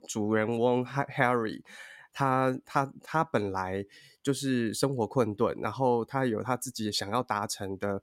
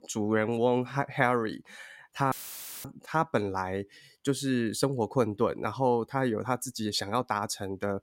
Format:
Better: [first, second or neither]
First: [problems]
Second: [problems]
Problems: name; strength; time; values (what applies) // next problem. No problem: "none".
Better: first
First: none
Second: audio cutting out; filled with static; at 2.5 s for 0.5 s